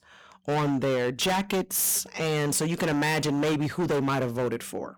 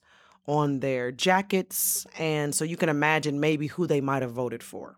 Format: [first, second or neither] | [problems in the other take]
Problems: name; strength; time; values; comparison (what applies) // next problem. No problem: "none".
second | distortion; heavy; 25% of the sound clipped